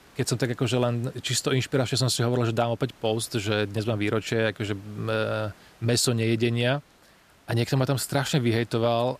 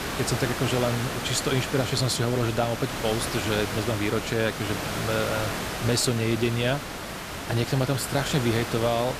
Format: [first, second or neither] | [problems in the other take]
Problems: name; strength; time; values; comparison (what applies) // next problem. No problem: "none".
first | hiss; loud; throughout; 5 dB below the speech; faint in the first